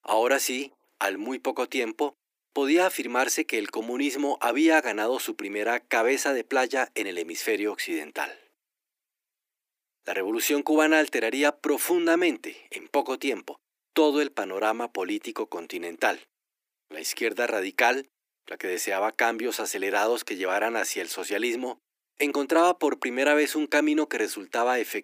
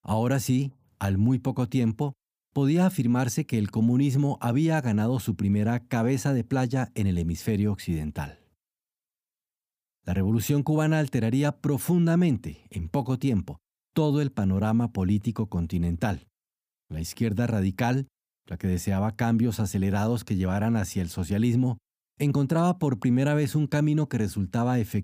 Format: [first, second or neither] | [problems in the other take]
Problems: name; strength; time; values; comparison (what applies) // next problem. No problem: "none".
second | thin; very; fading below 300 Hz